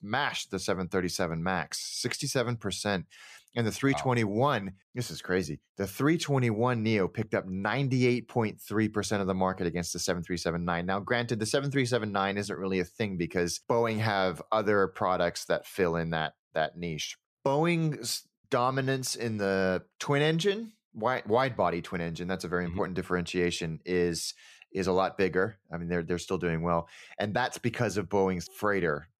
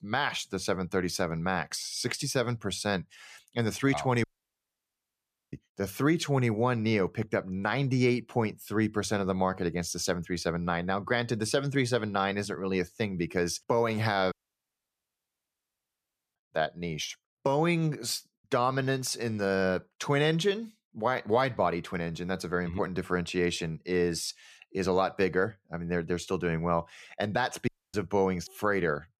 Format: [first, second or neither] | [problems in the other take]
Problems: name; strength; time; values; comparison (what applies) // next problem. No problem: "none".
first | audio cutting out; at 4 s for 1.5 s, at 14 s for 2 s and at 28 s